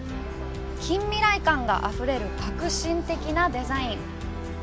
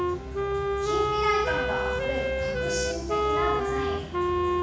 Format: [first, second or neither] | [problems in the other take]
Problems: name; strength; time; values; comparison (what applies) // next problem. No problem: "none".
first | background sound (Wind instrument, woodwind instrument); 5 dB above the speech // room echo; dies away in 1.1 s